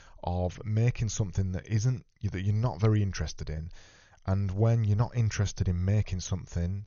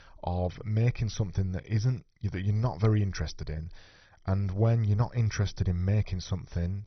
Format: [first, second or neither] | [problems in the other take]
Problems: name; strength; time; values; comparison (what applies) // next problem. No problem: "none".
first | garbled, watery; badly; nothing above 6 kHz; slightly in the first